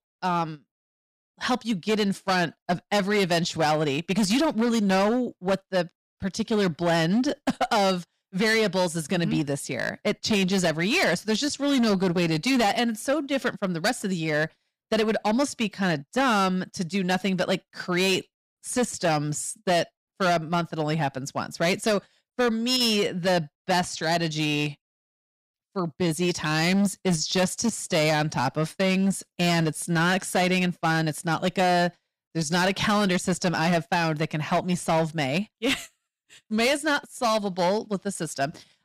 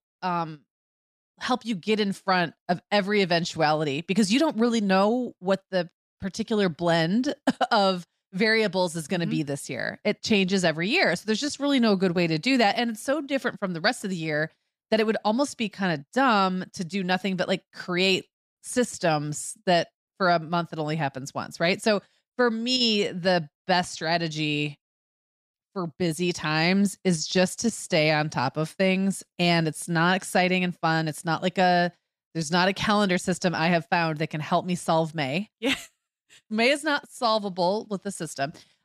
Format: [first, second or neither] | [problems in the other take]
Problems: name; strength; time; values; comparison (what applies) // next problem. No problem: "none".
second | distortion; slight; 11% of the sound clipped